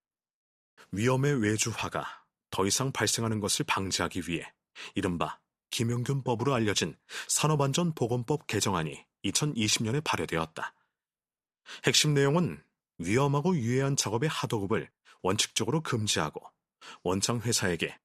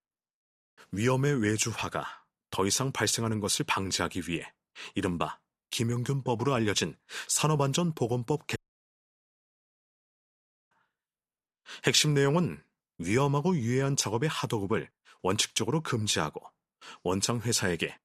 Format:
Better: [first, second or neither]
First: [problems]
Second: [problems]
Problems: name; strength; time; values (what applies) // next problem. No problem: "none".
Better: first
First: none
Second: audio cutting out; at 8.5 s for 2 s